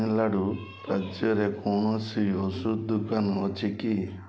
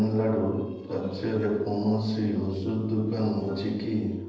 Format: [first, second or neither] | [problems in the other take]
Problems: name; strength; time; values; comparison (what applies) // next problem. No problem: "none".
first | noise reduction (neural separator model SepFormer DNS4)